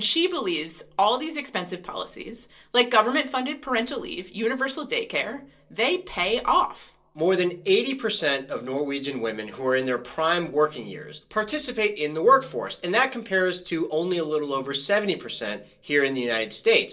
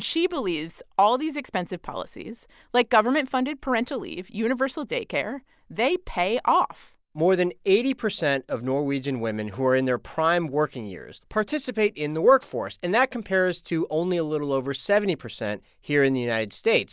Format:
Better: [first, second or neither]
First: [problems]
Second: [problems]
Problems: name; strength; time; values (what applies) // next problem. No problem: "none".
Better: second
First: room echo; dies away in 0.2 s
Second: none